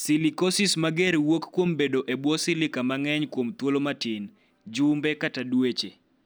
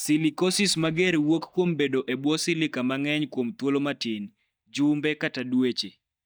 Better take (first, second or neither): first